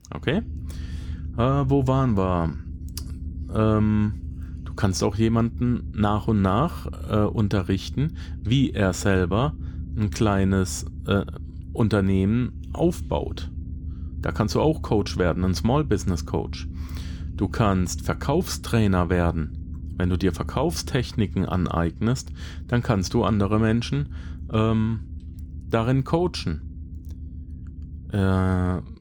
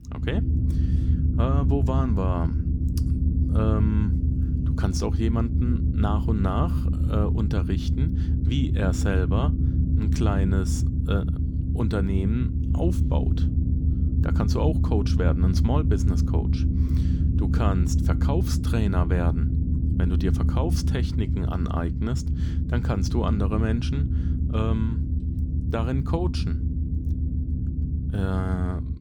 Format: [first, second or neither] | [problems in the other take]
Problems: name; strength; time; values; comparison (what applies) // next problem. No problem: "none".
first | low rumble; loud; throughout; 5 dB below the speech; faint in the first